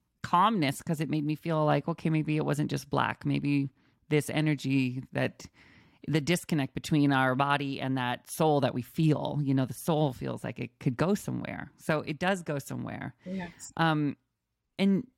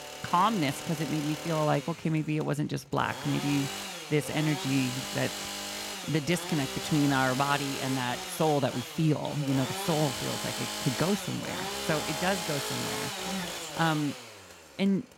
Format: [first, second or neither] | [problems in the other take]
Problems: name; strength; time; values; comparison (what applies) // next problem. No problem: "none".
first | machinery noise; loud; throughout; 5 dB below the speech